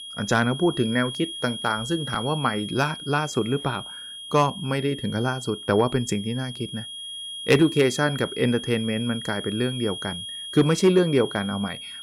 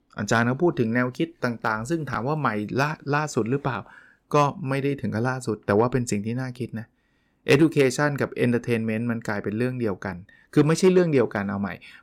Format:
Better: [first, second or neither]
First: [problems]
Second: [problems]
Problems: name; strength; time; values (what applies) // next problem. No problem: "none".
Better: second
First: high-pitched whine; loud; throughout; 3.5 kHz, 9 dB below the speech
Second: none